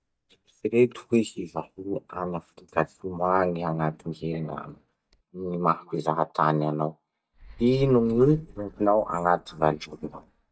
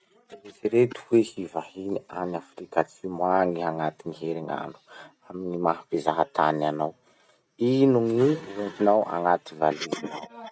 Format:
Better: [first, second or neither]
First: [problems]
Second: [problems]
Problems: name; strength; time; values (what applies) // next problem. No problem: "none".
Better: second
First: noise reduction (neural mask model DeepFilterNet 3)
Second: none